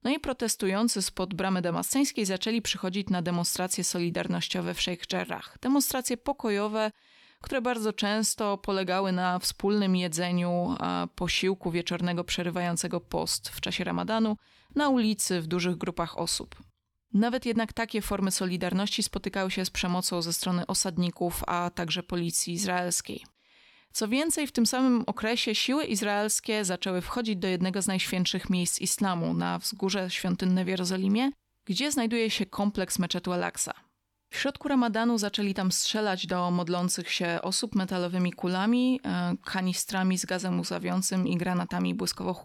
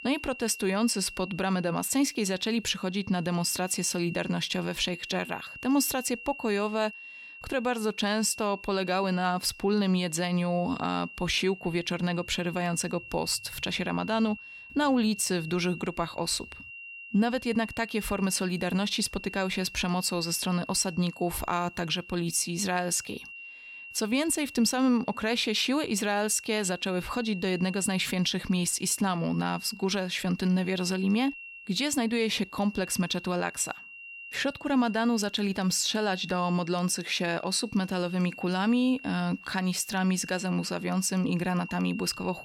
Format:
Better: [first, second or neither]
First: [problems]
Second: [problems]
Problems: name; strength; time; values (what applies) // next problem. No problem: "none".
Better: first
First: none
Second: high-pitched whine; noticeable; throughout; 2.5 kHz, 15 dB below the speech